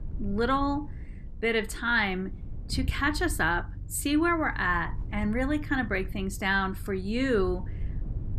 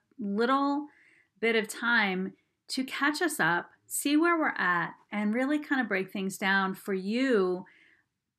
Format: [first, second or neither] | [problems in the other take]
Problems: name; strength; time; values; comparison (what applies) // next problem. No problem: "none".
second | low rumble; faint; throughout; 25 dB below the speech